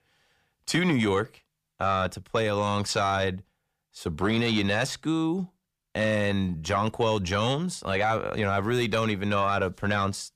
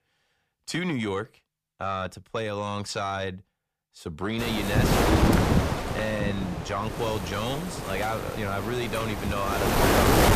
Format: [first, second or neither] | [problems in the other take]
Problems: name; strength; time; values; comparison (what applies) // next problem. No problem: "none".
first | wind noise on the microphone; heavy; from 4.5 s on; 3 dB above the speech